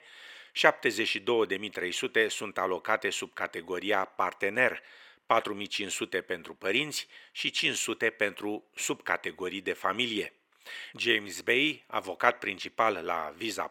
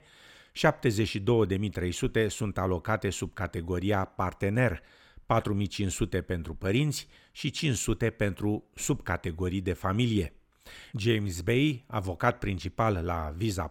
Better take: second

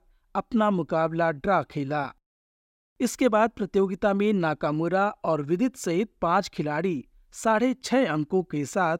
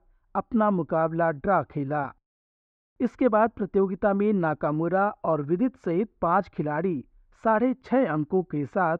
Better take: first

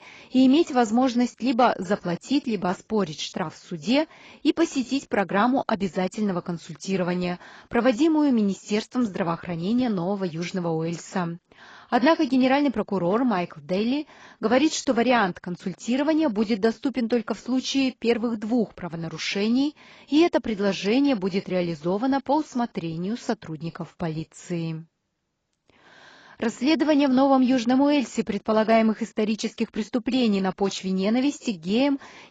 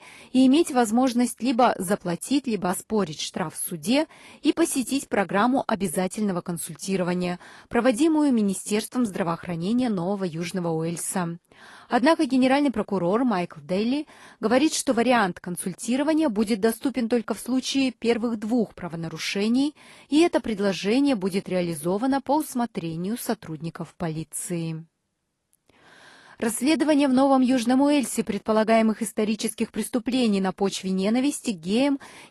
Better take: second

